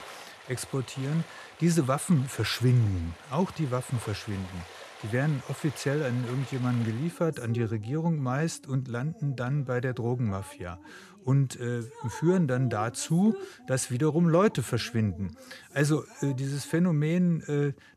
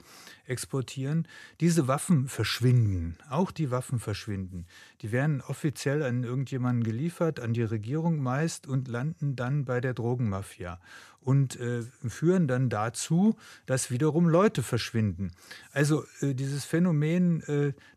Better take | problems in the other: second | rain or running water; noticeable; throughout; 20 dB below the speech

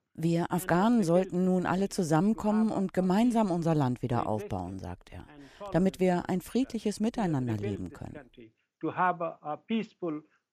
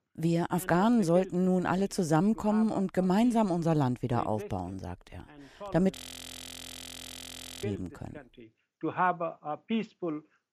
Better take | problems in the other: first | audio freezing; at 6 s for 1.5 s

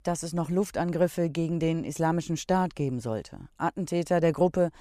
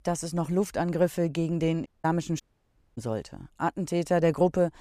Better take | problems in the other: first | audio cutting out; at 2 s and at 2.5 s for 0.5 s

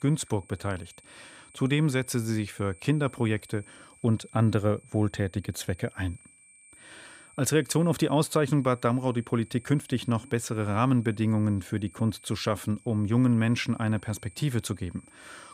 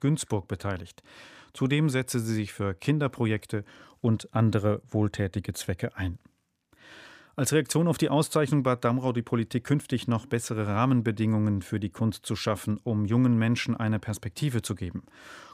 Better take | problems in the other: second | high-pitched whine; faint; throughout; 8.5 kHz, 25 dB below the speech

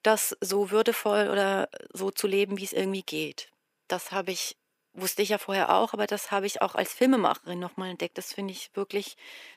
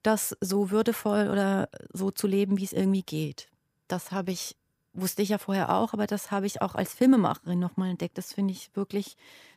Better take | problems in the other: second | thin; somewhat; fading below 400 Hz

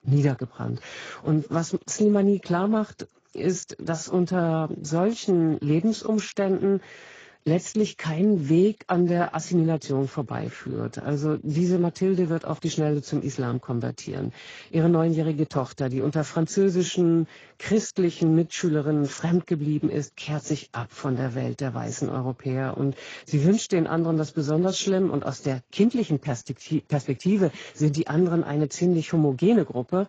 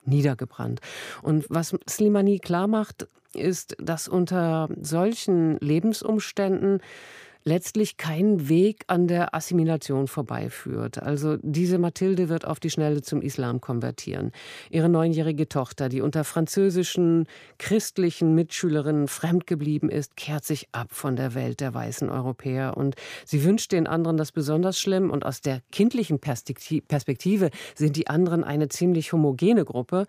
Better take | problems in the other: second | garbled, watery; badly; nothing above 7.5 kHz

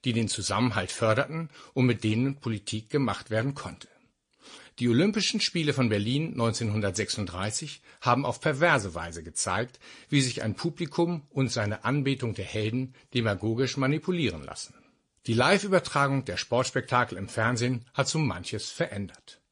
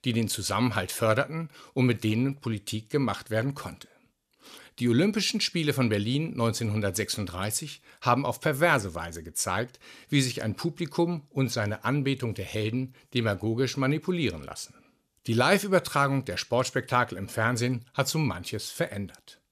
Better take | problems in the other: second | garbled, watery; slightly; nothing above 9 kHz

